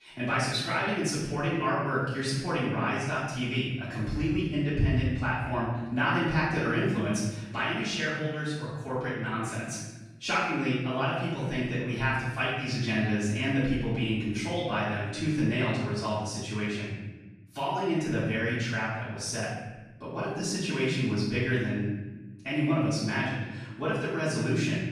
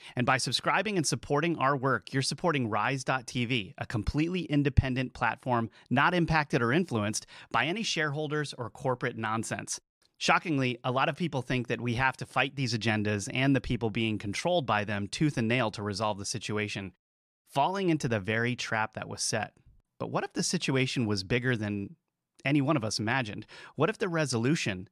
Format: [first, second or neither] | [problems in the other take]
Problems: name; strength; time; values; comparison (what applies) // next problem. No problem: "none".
second | off-mic speech; far // room echo; strong; dies away in 1.1 s